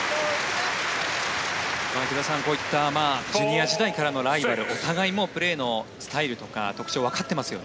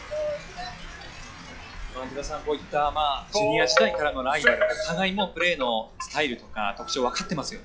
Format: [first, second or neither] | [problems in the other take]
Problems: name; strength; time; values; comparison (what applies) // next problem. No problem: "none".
first | noise reduction (classical method log-MMSE)